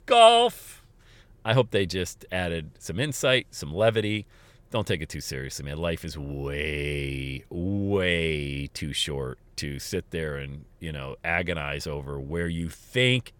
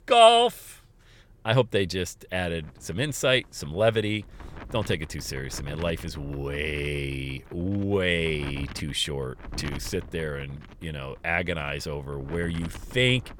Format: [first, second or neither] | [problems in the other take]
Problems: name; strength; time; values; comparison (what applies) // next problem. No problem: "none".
first | wind noise on the microphone; occasional gusts; from 2.5 s on; 20 dB below the speech